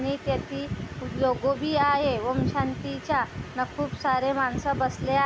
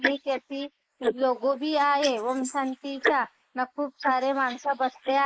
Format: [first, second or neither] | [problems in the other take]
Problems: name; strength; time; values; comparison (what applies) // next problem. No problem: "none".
first | noise reduction (neural mask model Resemble Enhance denoiser)